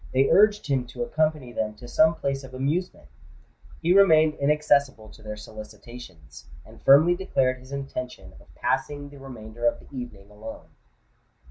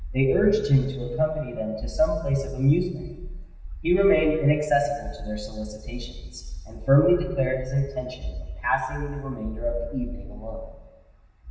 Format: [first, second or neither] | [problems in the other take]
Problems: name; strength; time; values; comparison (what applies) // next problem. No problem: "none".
first | room echo; dies away in 1.2 s